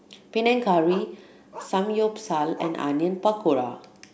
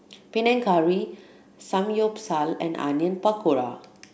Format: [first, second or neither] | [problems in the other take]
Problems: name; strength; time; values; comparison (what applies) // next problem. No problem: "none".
second | background sound (Bark); 18 dB below the speech